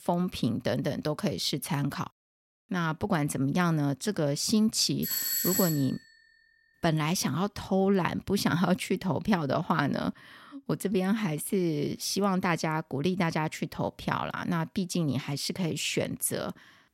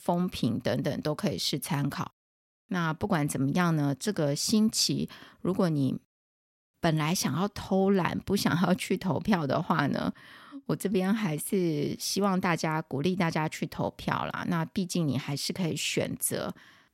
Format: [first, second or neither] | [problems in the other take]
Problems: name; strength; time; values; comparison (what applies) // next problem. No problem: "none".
second | doorbell; loud; at 5 s; peak 3 dB above the speech